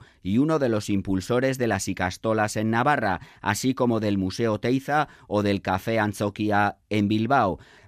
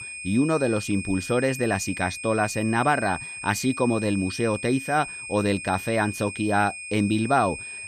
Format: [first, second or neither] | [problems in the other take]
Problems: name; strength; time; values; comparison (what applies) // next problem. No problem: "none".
first | high-pitched whine; loud; throughout; 2.5 kHz, 9 dB below the speech